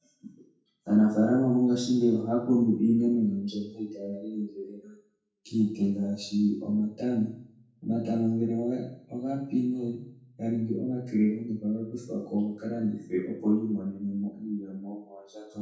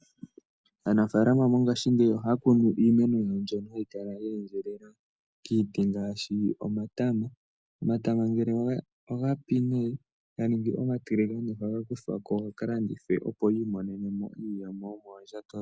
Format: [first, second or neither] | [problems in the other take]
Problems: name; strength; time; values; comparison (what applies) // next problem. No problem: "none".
second | room echo; dies away in 0.6 s